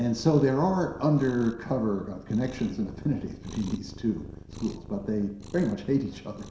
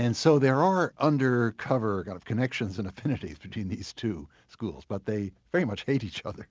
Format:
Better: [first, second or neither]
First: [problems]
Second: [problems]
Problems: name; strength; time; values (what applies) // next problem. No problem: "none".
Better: second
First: background sound (Cat); 15 dB below the speech // room echo; dies away in 0.7 s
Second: none